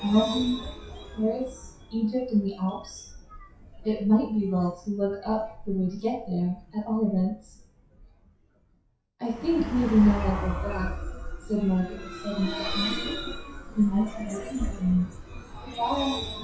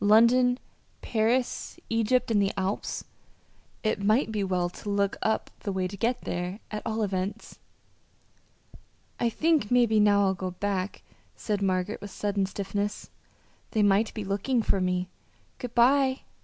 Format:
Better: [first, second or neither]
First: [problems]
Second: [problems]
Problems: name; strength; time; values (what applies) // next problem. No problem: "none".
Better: second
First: noise reduction (classical method WPE with log-MMSE)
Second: none